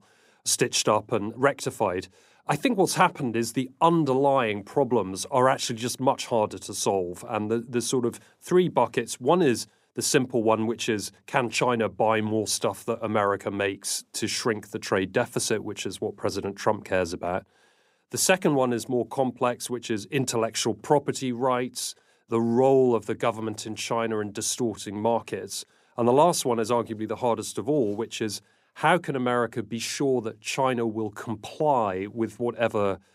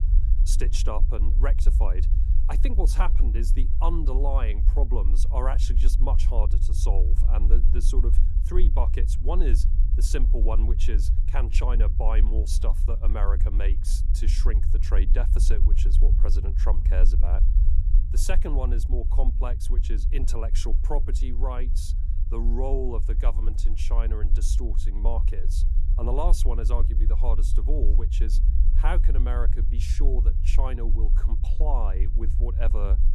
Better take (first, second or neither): first